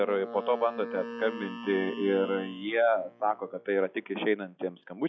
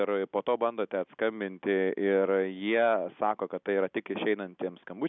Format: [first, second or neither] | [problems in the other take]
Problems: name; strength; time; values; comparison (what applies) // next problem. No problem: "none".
second | noise reduction (classical method log-MMSE)